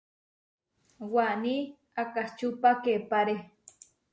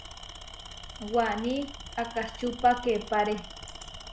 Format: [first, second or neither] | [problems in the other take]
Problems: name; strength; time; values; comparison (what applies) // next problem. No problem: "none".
first | background sound (Tools); 12 dB below the speech